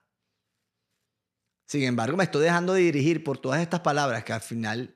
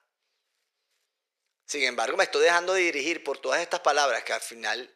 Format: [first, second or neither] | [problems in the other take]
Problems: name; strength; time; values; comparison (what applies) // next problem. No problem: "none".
first | thin; very; fading below 450 Hz